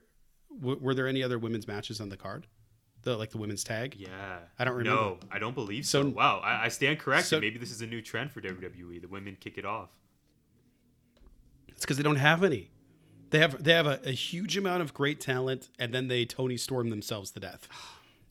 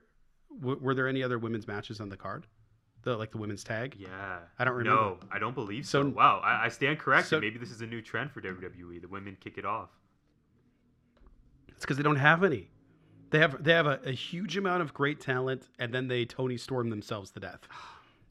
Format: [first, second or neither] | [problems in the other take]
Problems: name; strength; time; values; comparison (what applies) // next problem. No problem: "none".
first | muffled; slightly; fading above 2.5 kHz